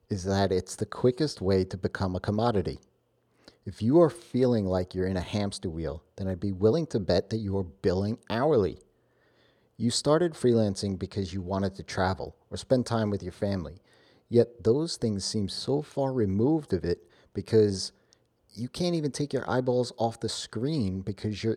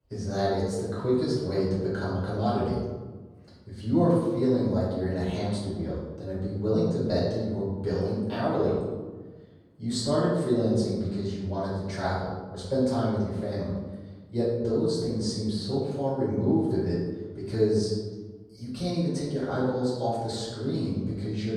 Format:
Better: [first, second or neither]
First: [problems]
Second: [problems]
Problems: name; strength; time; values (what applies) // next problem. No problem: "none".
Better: first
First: none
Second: off-mic speech; far // room echo; noticeable; dies away in 1.2 s